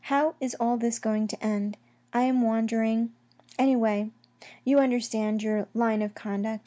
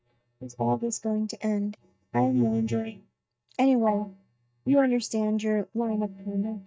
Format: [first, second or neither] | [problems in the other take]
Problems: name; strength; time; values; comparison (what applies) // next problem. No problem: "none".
first | noise reduction (neural mask model DeepFilterNet 3)